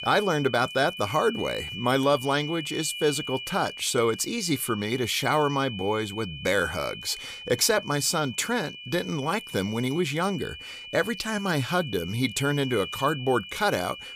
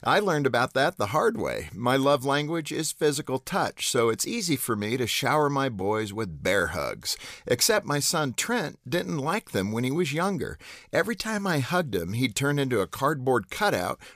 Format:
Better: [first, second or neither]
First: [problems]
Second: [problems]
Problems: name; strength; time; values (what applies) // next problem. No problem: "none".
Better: second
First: high-pitched whine; noticeable; throughout; 3 kHz, 10 dB below the speech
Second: none